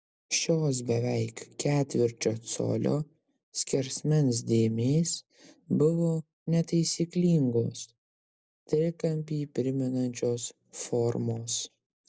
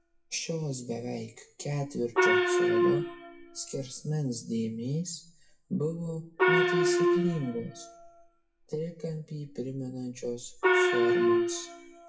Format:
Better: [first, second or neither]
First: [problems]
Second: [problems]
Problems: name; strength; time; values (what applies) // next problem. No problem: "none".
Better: first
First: none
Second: noise reduction (classical method WPE with log-MMSE)